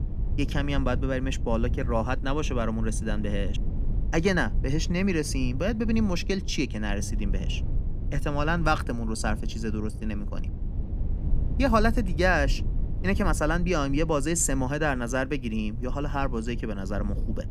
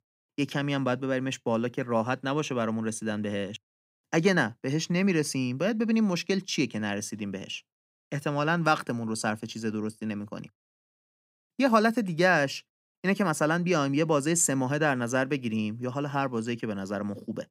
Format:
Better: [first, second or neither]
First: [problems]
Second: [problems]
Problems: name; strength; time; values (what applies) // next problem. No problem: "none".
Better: second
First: low rumble; noticeable; throughout; 15 dB below the speech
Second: none